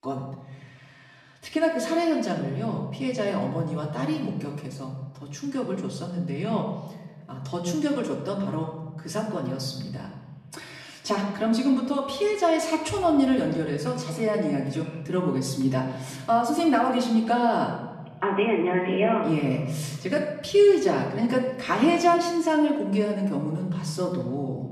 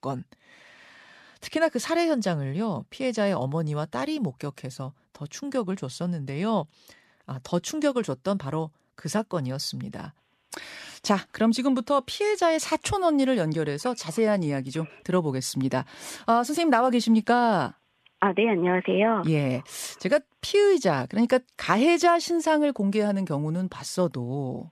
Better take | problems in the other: second | off-mic speech; far // room echo; noticeable; dies away in 1.2 s

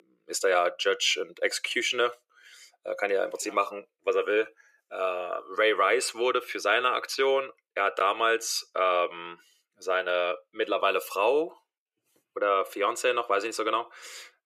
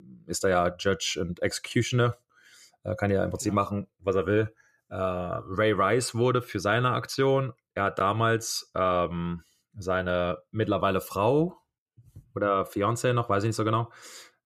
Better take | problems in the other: second | thin; very; fading below 400 Hz

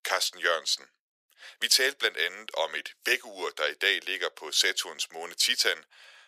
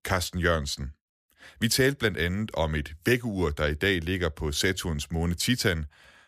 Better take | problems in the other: second | thin; very; fading below 450 Hz

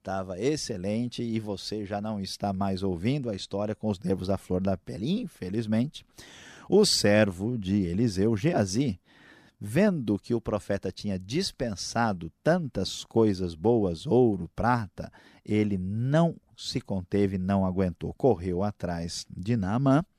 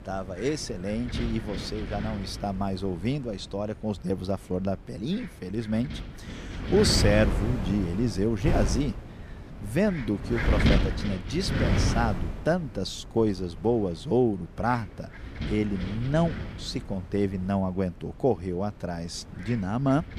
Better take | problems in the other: first | wind noise on the microphone; heavy; 6 dB below the speech

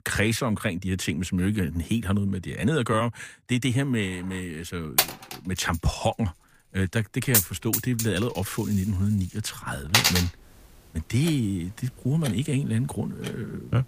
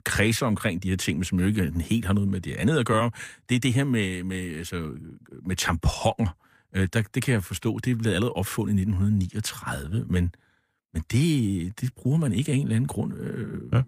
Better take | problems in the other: second | household noises; very loud; from 4 s on; 2 dB above the speech

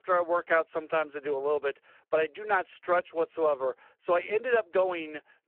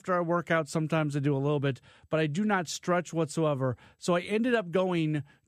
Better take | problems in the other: second | phone-call audio; poor line

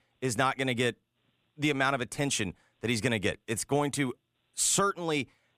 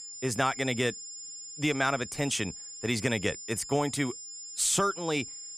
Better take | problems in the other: first | high-pitched whine; noticeable; throughout; 7 kHz, 10 dB below the speech

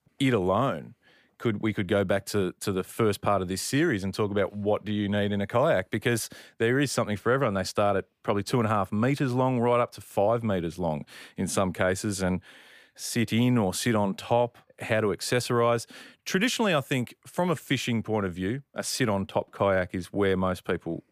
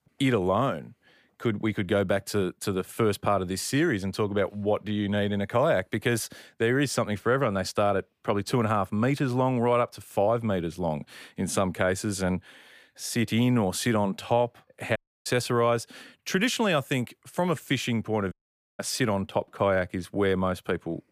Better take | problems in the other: first | audio cutting out; at 15 s and at 18 s

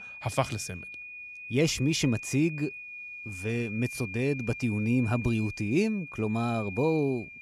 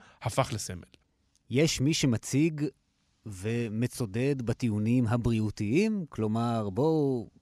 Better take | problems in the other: second | high-pitched whine; noticeable; throughout; 2.5 kHz, 10 dB below the speech

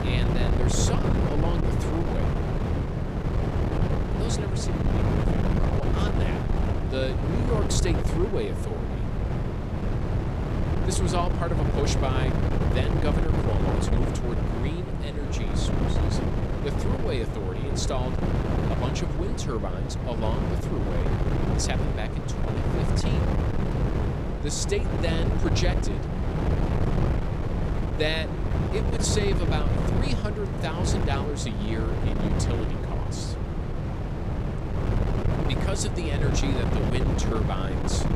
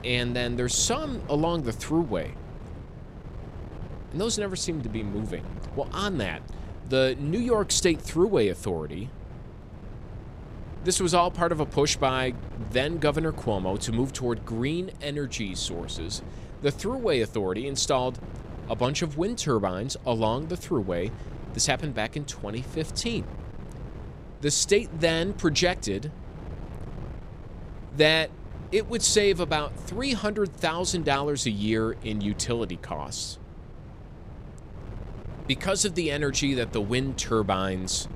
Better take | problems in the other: second | wind noise on the microphone; heavy; as loud as the speech; occasional gusts in the second

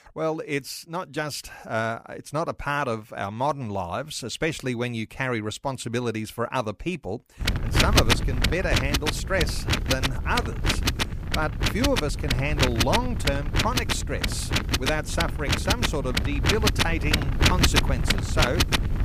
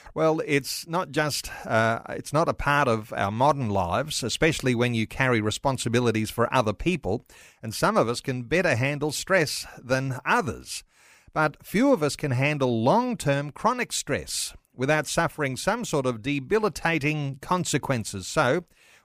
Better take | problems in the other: second | wind noise on the microphone; heavy; from 7.5 s on; 3 dB above the speech

